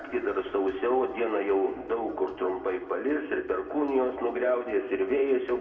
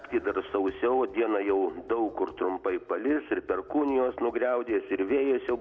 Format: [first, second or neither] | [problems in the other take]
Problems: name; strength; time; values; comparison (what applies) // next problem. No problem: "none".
second | room echo; dies away in 1.7 s